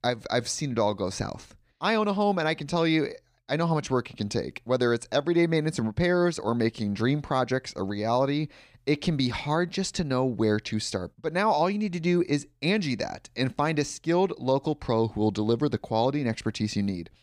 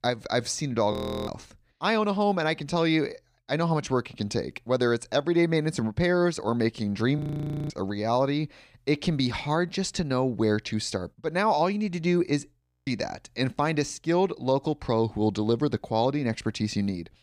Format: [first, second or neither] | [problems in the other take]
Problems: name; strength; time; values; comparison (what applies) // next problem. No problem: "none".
first | audio freezing; at 1 s, at 7 s for 0.5 s and at 13 s